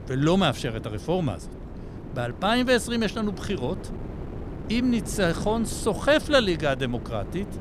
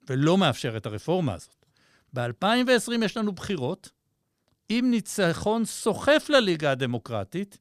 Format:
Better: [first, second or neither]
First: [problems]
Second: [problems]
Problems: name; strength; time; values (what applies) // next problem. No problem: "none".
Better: second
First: wind noise on the microphone; occasional gusts; 15 dB below the speech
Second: none